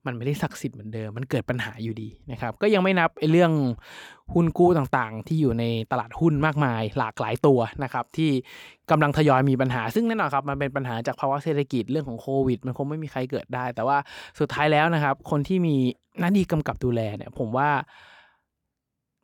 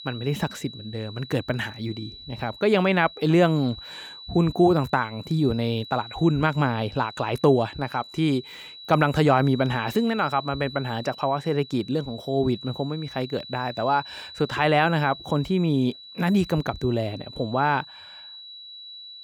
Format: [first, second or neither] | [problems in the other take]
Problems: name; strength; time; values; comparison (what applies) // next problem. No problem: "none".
first | high-pitched whine; noticeable; throughout; 4 kHz, 15 dB below the speech